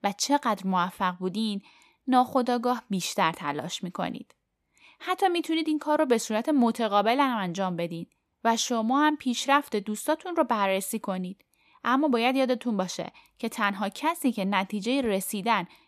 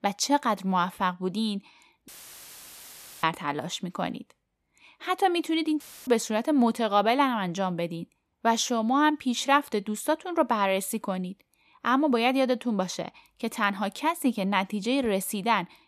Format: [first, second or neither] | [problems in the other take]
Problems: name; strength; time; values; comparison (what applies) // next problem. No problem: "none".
first | audio cutting out; filled with static; at 2 s for 1 s and at 6 s